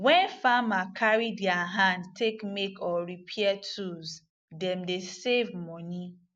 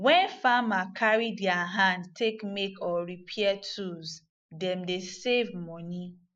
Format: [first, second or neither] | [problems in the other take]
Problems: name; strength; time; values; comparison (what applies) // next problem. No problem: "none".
first | noise reduction (neural mask model Resemble Enhance denoiser)